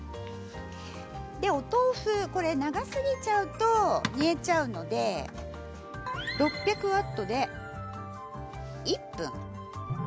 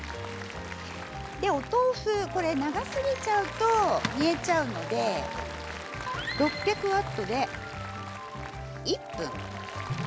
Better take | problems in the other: first | background sound (Applause); 11 dB below the speech

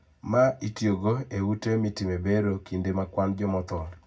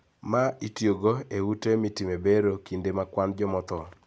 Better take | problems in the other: second | room echo; dies away in 0.3 s

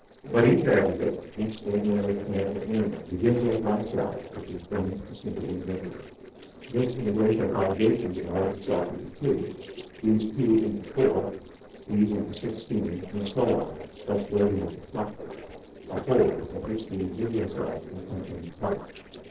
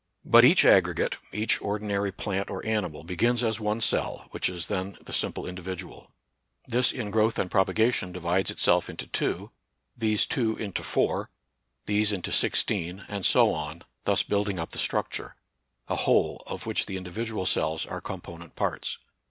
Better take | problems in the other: second | noise reduction (neural separator model SepFormer DNS4)

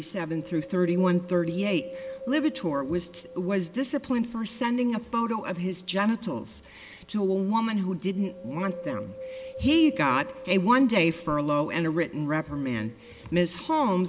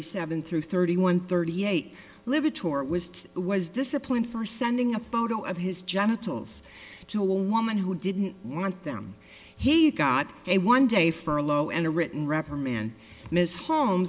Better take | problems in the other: second | background sound (Wind); 16 dB below the speech

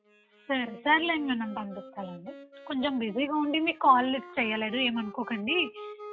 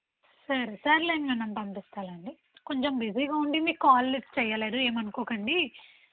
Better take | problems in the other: second | noise reduction (classical method log-MMSE)

